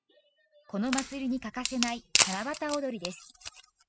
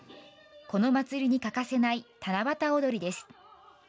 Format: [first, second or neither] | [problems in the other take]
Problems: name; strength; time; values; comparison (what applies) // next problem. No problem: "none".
second | noise reduction (classical method spectral subtraction)